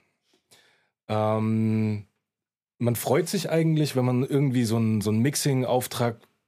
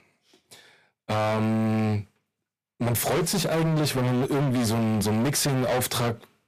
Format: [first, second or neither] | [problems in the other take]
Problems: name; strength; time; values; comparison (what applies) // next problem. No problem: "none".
first | distortion; heavy; 31% of the sound clipped